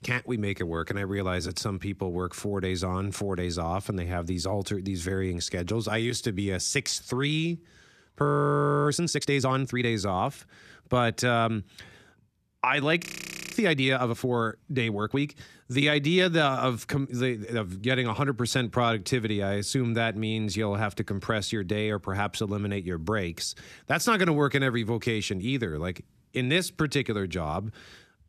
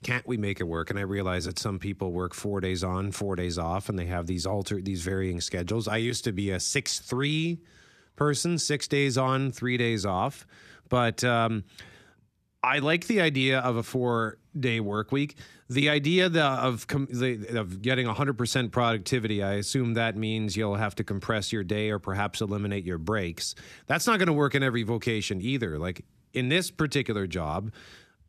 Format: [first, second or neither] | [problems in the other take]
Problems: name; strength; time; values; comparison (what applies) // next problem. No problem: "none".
second | audio freezing; at 8.5 s for 0.5 s and at 13 s